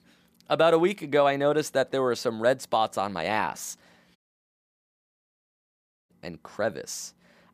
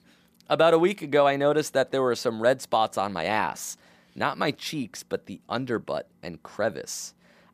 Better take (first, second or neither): second